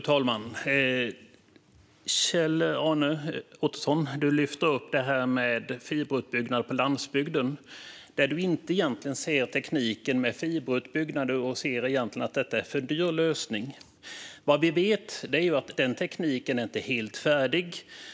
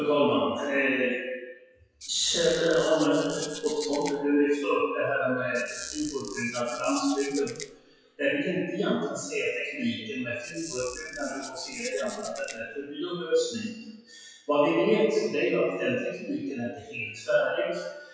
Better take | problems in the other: first | noise reduction (classical method WPE with log-MMSE)

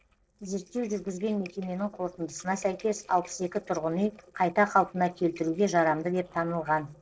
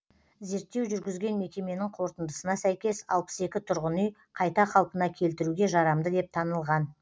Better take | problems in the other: second | noise reduction (neural separator model SepFormer DNS4)

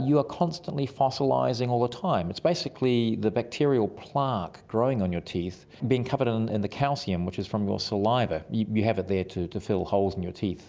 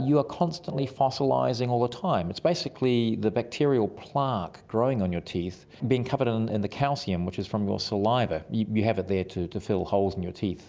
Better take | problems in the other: first | background sound (Wind instrument, woodwind instrument); 16 dB below the speech

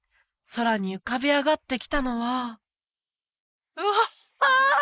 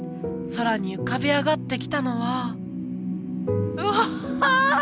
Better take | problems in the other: second | noise reduction (neural mask model Resemble Enhance denoiser)

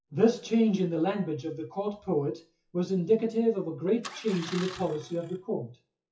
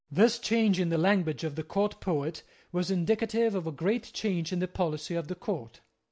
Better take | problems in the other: second | noise reduction (classical method WPE with log-MMSE)

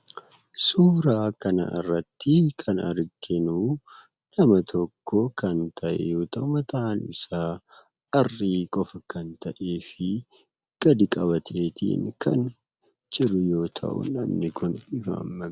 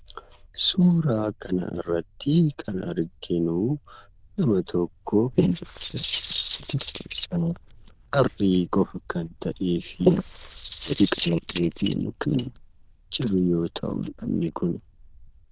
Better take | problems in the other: first | noise reduction (neural diffusion model UNIVERSE++)

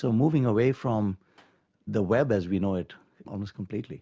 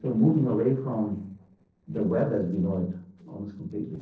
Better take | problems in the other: first | noise reduction (neural separator model SepFormer DNS4)

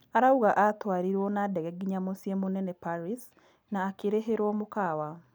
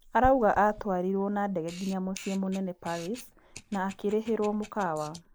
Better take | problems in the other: first | noise reduction (neural mask model Resemble Enhance denoiser)

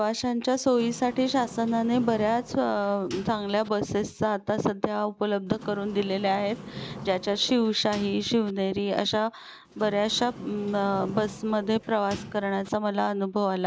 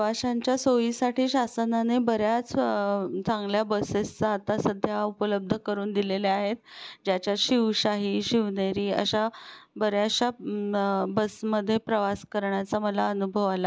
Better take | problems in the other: second | background sound (Sliding door); 15 dB below the speech

